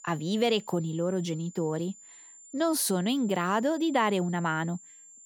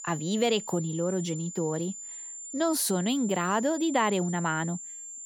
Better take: first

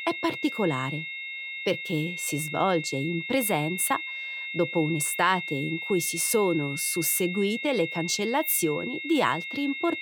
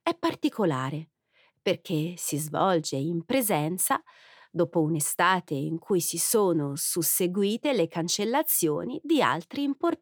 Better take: second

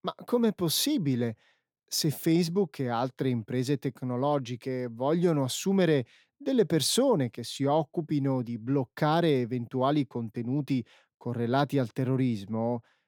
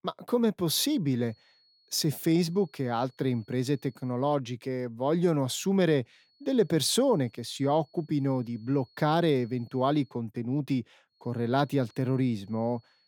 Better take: first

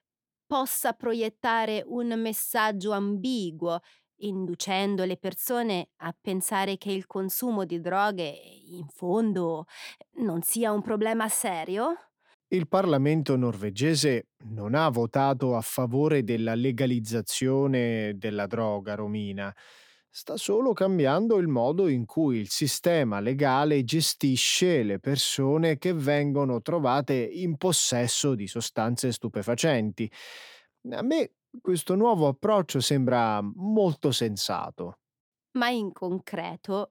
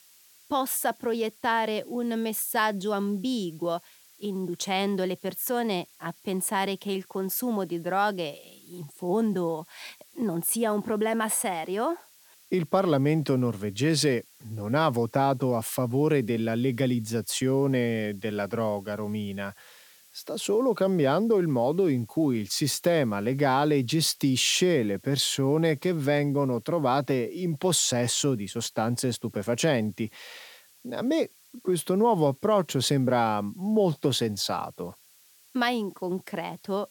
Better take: first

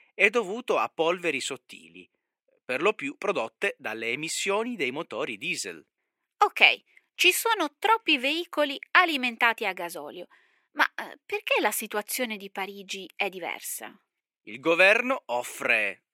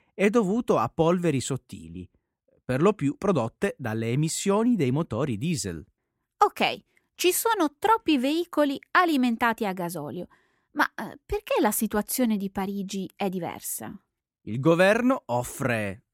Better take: second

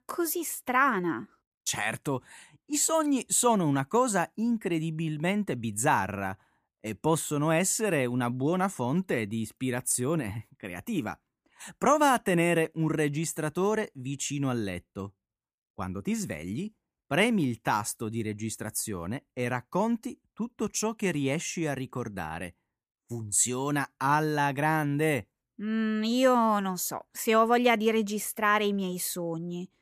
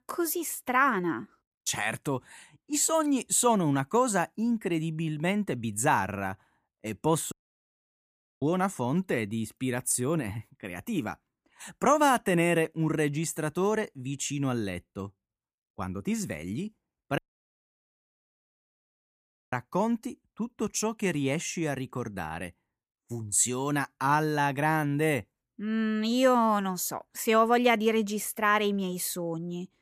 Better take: first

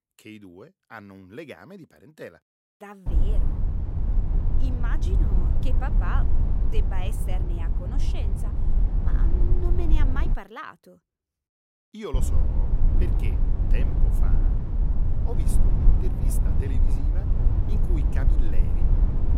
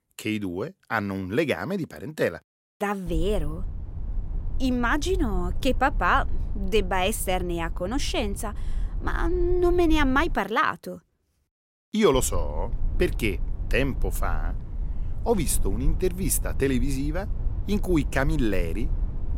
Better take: second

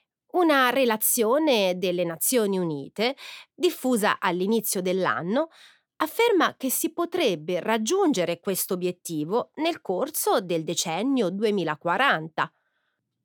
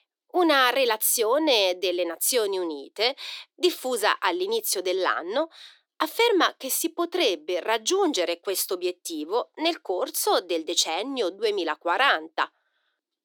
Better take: first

